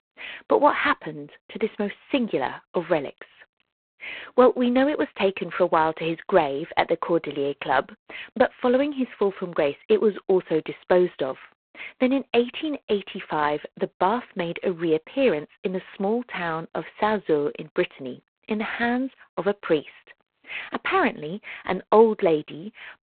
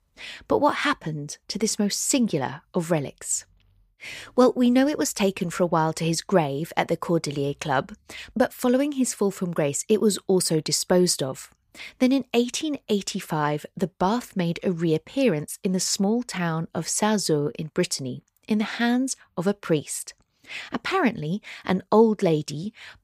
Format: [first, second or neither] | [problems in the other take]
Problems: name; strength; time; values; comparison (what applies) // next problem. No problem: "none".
second | phone-call audio; poor line; nothing above 3.5 kHz